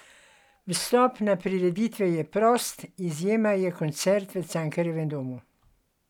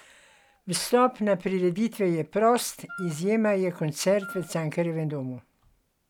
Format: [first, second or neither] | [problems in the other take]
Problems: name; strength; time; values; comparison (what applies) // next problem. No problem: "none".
first | background sound (Wind instrument, woodwind instrument); 17 dB below the speech